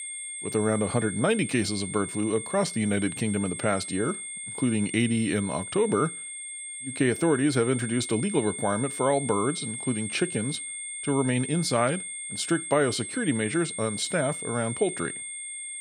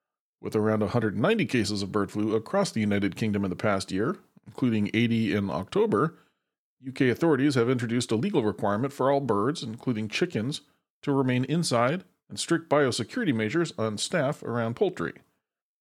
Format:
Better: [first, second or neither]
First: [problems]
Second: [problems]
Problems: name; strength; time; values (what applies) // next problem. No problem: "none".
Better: second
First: high-pitched whine; loud; throughout; 8.5 kHz, 7 dB below the speech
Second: none